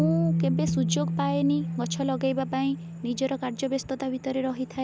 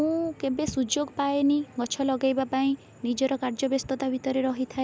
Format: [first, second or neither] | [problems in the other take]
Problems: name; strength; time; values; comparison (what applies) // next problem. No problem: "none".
second | background sound (Bass guitar); 2 dB below the speech